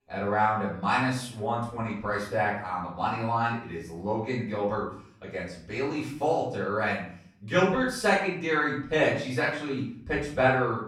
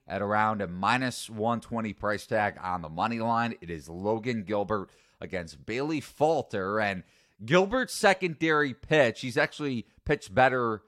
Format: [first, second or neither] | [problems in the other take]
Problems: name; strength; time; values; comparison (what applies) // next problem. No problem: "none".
second | off-mic speech; far // room echo; noticeable; dies away in 0.5 s